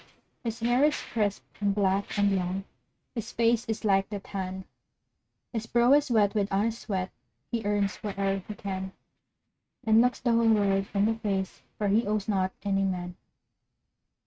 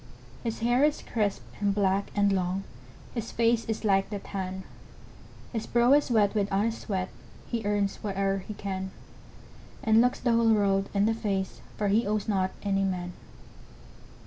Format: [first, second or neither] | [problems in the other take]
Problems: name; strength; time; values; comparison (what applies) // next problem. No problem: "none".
second | noise reduction (neural mask model RNNoise)